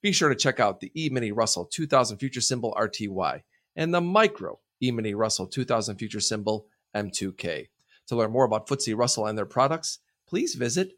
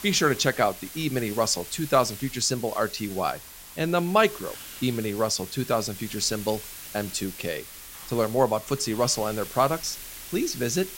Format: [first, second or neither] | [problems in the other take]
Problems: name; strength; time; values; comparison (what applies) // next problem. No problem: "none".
first | hiss; noticeable; throughout; 10 dB below the speech